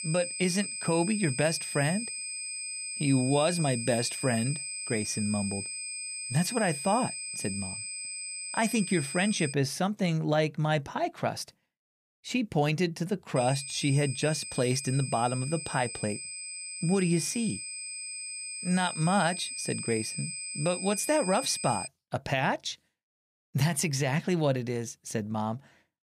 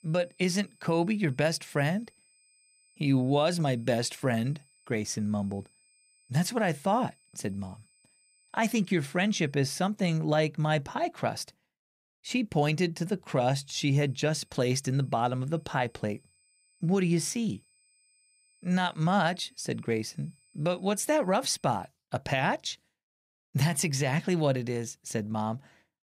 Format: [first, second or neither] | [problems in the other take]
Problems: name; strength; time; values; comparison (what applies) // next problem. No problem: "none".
second | high-pitched whine; loud; until 9.5 s and from 13 to 22 s; 8 kHz, 6 dB below the speech; faint in the second